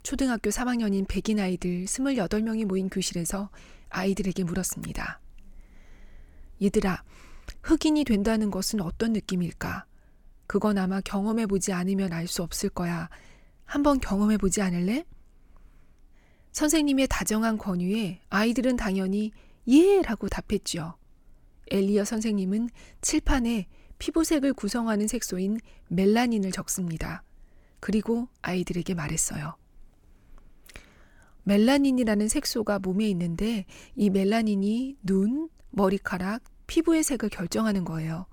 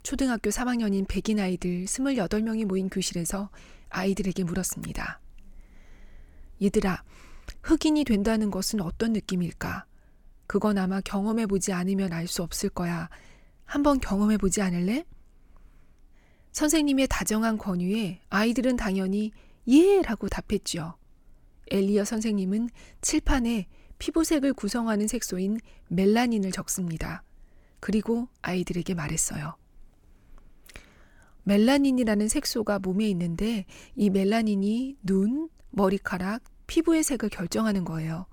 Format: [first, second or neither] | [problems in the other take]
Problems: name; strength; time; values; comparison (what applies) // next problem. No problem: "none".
neither | none